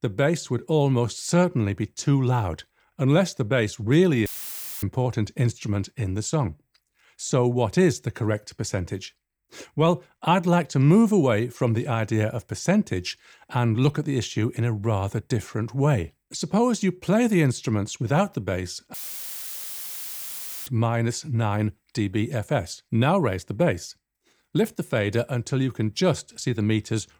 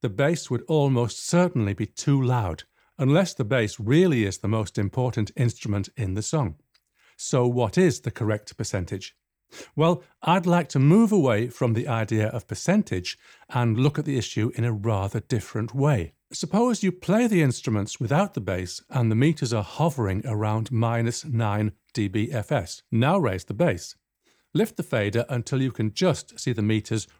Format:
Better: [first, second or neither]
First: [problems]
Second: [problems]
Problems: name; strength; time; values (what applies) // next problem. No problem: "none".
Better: second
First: audio cutting out; filled with static; at 4.5 s for 0.5 s and at 19 s for 1.5 s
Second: none